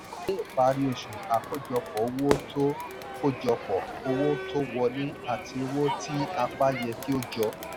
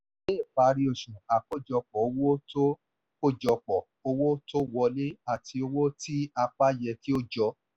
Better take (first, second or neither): second